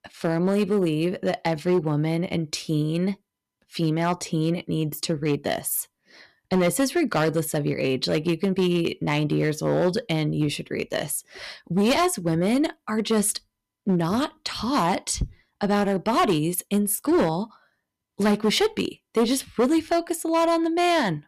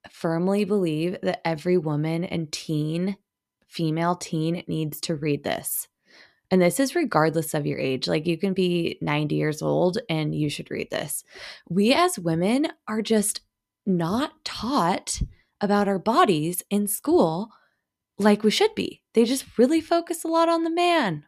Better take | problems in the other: second | distortion; slight; 5% of the sound clipped

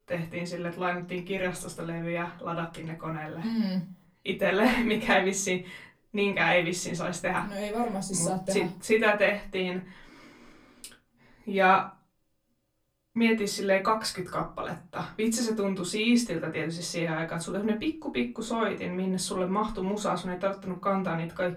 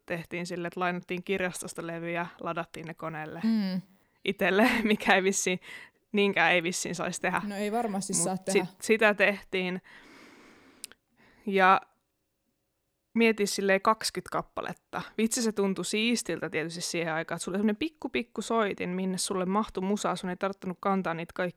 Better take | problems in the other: second | off-mic speech; far // room echo; very slight; dies away in 0.3 s

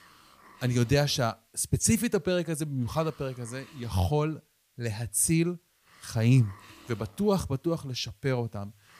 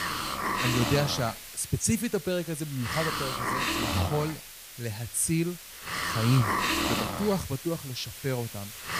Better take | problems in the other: first | hiss; loud; throughout; 1 dB below the speech; faint in the first

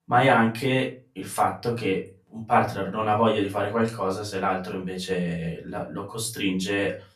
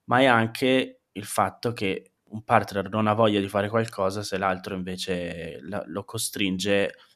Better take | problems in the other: second | off-mic speech; far // room echo; very slight; dies away in 0.3 s

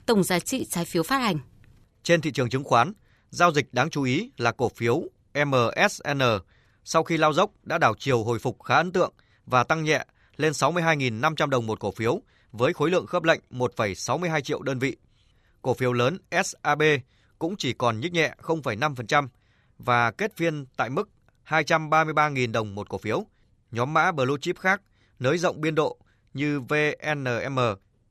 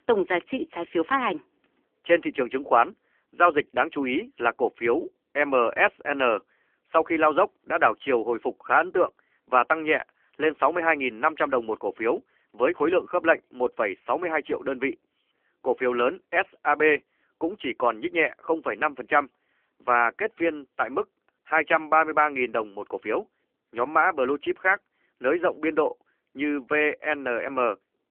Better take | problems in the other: first | phone-call audio; poor line

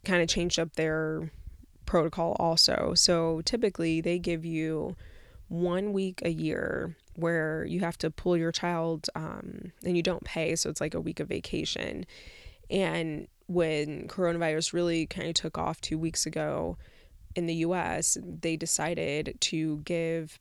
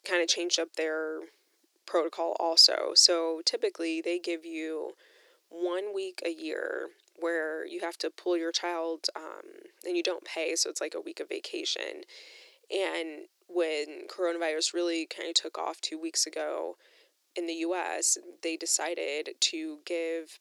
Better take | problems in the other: first | thin; very; fading below 350 Hz

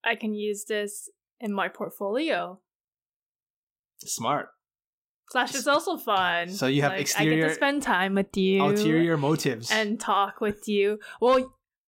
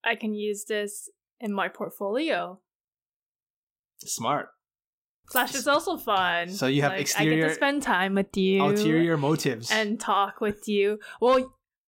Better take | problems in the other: first | jangling keys; noticeable; at 5.5 s; peak 6 dB below the speech

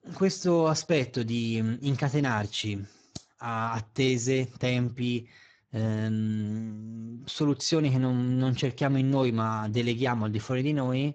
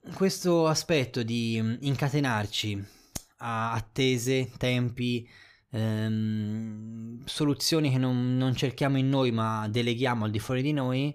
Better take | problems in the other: second | garbled, watery; badly; nothing above 7.5 kHz

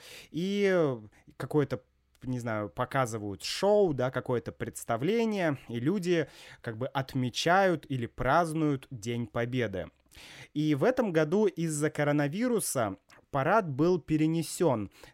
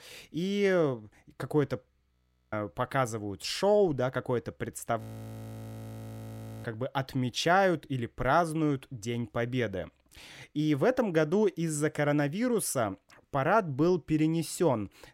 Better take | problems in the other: first | audio freezing; at 2 s and at 5 s for 1.5 s

